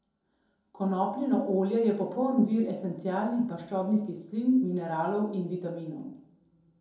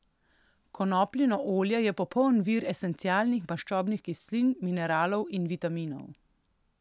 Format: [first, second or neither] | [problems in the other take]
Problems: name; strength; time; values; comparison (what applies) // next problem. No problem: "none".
second | room echo; dies away in 2.6 s